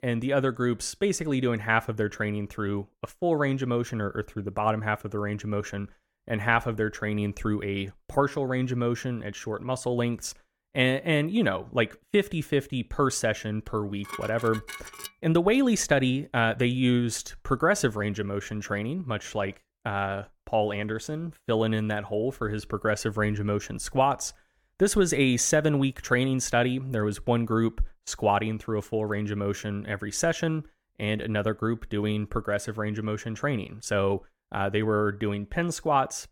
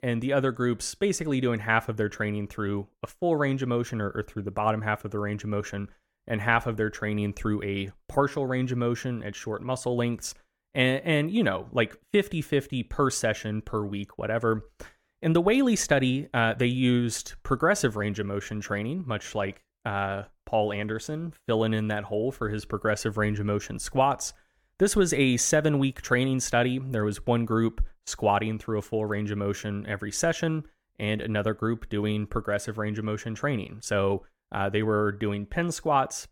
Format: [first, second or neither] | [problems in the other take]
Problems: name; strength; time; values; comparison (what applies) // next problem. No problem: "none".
second | clattering dishes; faint; from 14 to 15 s; peak 10 dB below the speech